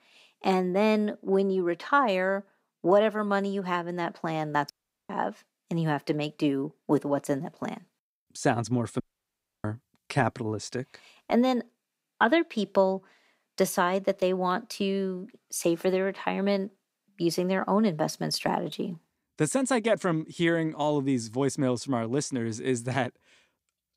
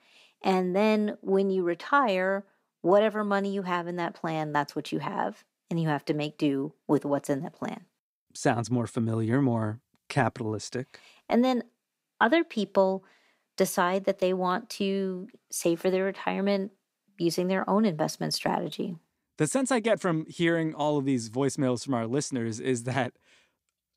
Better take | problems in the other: second | audio cutting out; at 4.5 s and at 9 s for 0.5 s

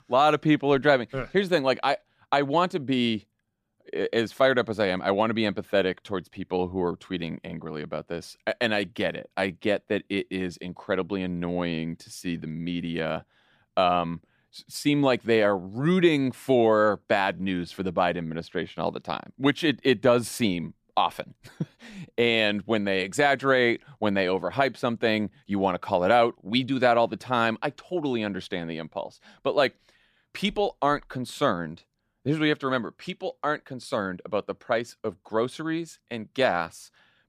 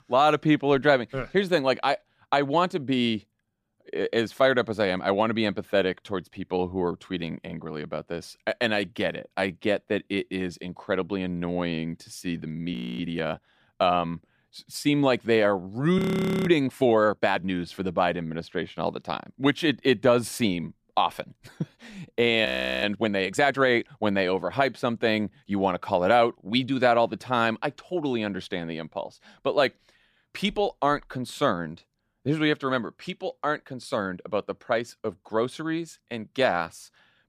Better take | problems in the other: first | audio freezing; at 13 s, at 16 s and at 22 s

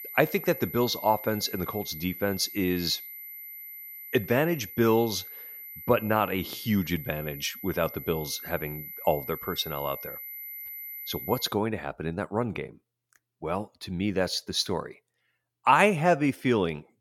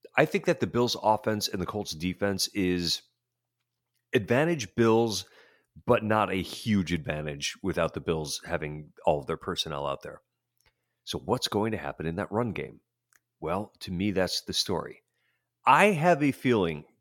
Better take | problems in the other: second | high-pitched whine; noticeable; until 11 s; 12 kHz, 10 dB below the speech

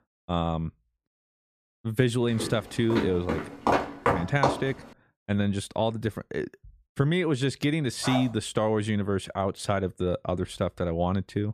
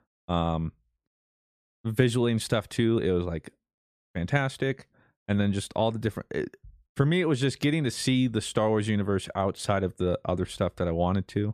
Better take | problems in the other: second | footsteps; loud; from 2.5 to 4.5 s; peak 2 dB above the speech // dog barking; noticeable; at 8 s; peak 5 dB below the speech

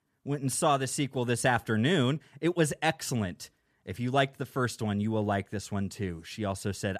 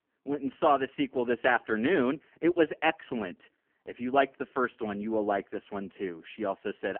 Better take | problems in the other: first | phone-call audio; poor line

